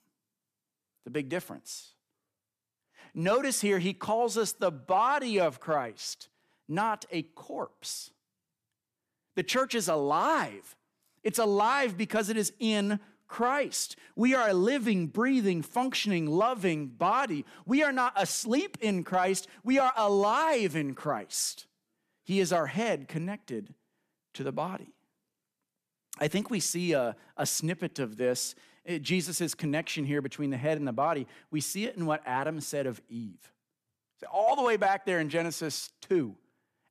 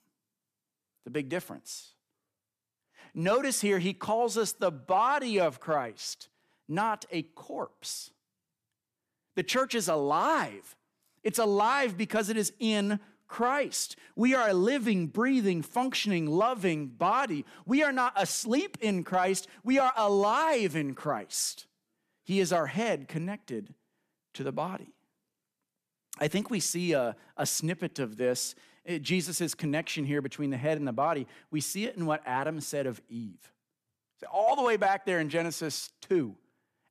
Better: neither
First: none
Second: none

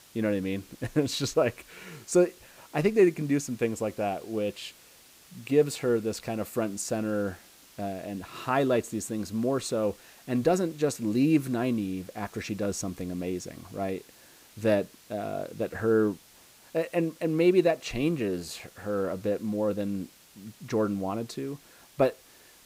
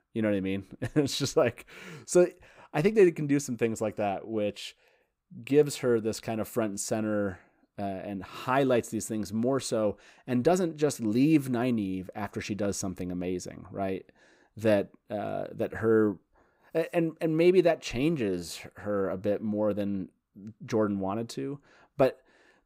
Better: second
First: hiss; faint; throughout; 25 dB below the speech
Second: none

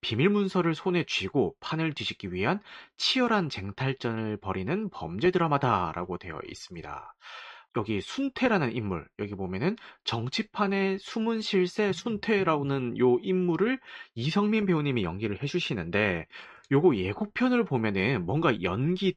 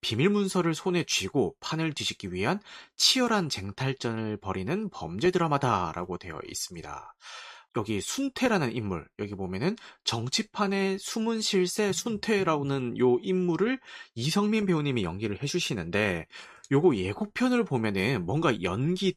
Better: second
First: muffled; slightly; fading above 3 kHz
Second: none

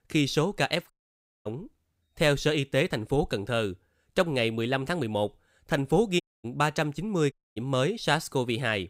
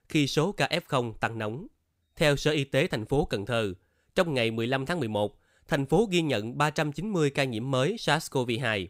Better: second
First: audio cutting out; at 1 s for 0.5 s, at 6 s and at 7.5 s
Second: none

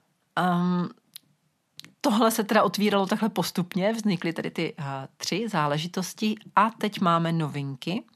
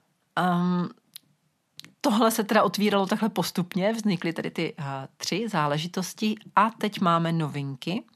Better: neither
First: none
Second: none

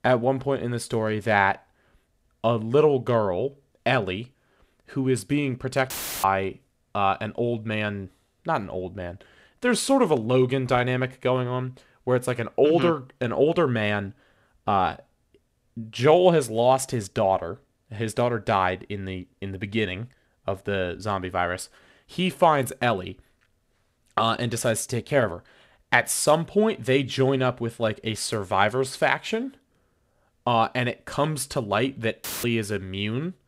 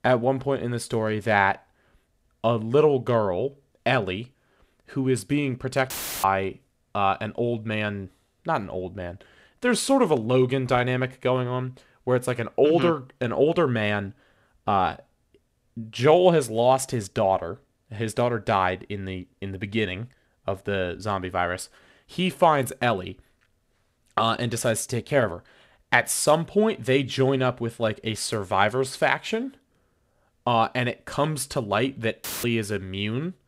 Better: neither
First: audio cutting out; filled with static; at 6 s and at 32 s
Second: audio cutting out; filled with static; at 6 s and at 32 s

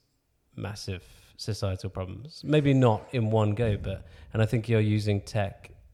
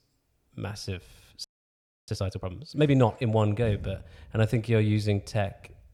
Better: first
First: none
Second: audio freezing; at 1.5 s for 0.5 s

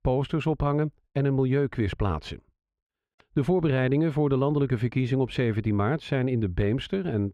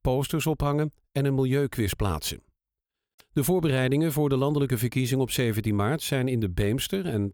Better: second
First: muffled; slightly; fading above 2.5 kHz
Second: none

